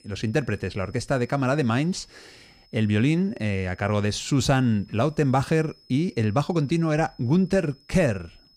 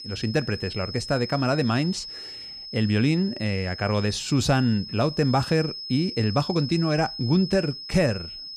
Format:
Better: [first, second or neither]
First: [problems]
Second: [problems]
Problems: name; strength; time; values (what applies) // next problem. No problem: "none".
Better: first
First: high-pitched whine; faint; throughout; 5 kHz, 30 dB below the speech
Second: high-pitched whine; loud; throughout; 5 kHz, 10 dB below the speech